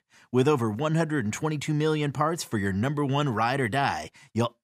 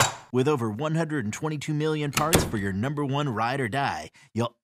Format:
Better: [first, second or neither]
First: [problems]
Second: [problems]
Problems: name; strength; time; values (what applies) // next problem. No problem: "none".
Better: first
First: none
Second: clattering dishes; loud; at the start; peak 2 dB above the speech // door banging; loud; at 2 s; peak 4 dB above the speech